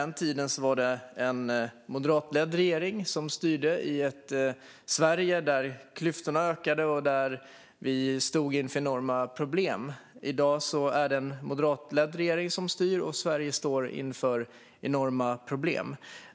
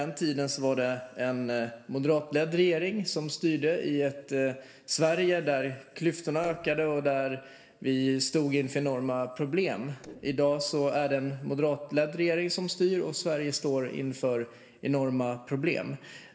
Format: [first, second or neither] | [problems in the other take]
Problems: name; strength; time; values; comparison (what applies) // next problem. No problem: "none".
first | noise reduction (neural separator model SepFormer DNS4)